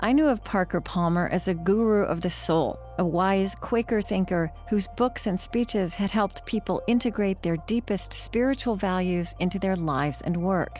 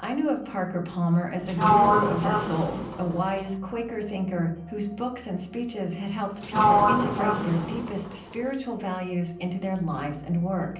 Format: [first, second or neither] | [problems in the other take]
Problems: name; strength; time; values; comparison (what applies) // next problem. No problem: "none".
first | background sound (Sliding door); 4 dB above the speech // room echo; dies away in 0.6 s